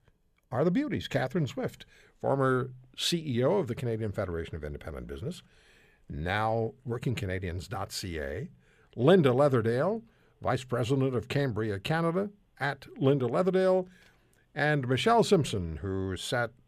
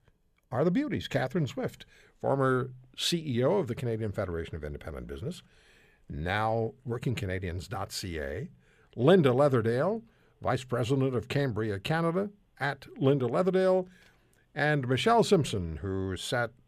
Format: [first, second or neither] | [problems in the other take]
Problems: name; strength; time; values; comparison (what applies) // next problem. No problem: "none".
neither | none